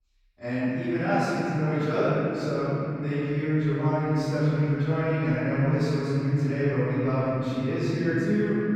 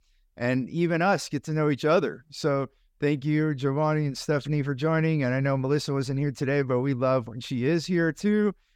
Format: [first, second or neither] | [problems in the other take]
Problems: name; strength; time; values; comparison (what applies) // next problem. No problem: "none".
second | off-mic speech; far // room echo; strong; dies away in 3 s